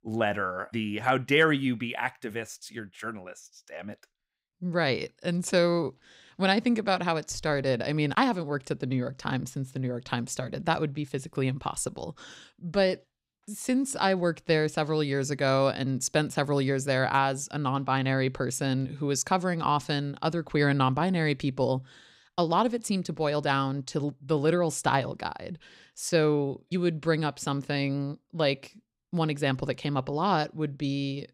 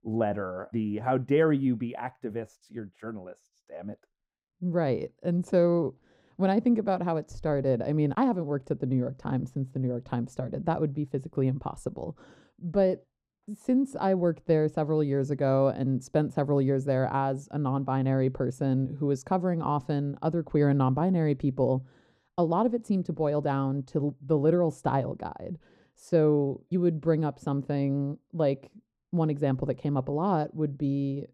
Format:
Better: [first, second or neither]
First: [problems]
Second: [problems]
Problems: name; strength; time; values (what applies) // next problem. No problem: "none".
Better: first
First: none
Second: muffled; very; fading above 1.5 kHz